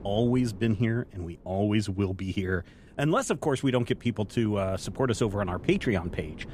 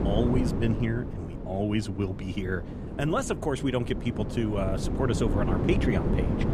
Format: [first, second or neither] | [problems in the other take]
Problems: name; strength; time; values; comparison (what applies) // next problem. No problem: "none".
first | wind noise on the microphone; heavy; 5 dB below the speech; occasional gusts in the first